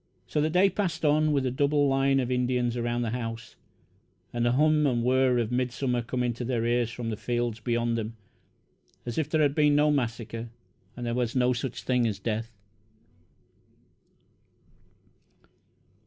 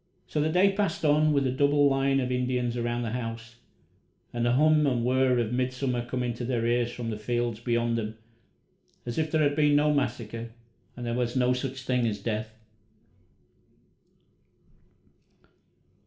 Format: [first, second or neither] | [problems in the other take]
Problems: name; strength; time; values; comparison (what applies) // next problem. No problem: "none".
first | room echo; dies away in 0.4 s